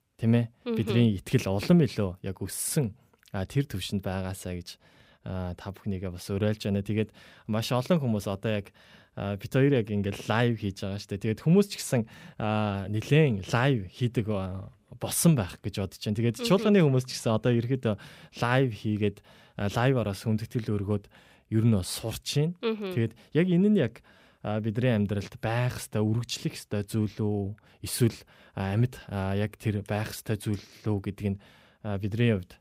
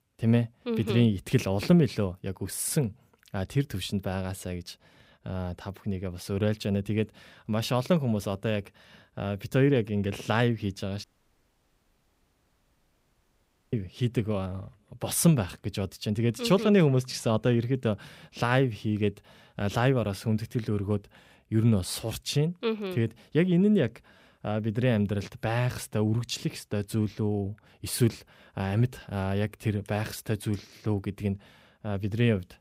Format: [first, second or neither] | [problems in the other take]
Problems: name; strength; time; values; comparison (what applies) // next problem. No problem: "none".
first | audio cutting out; at 11 s for 2.5 s